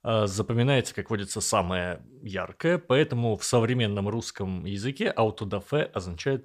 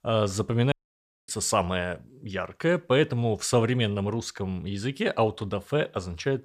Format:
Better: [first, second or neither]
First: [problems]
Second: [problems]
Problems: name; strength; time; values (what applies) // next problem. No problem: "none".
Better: first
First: none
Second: audio cutting out; at 0.5 s for 0.5 s